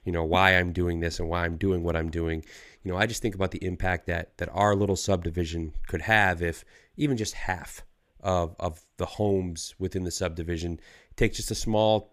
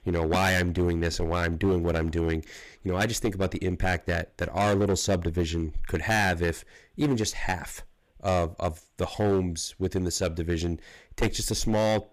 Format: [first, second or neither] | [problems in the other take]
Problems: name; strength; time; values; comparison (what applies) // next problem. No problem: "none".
first | distortion; heavy; 8% of the sound clipped